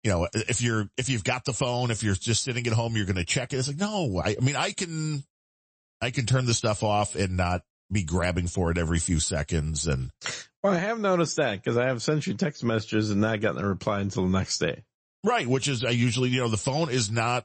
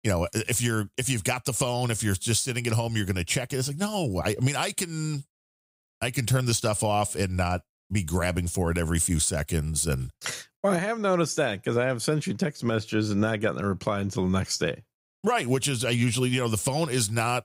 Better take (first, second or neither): second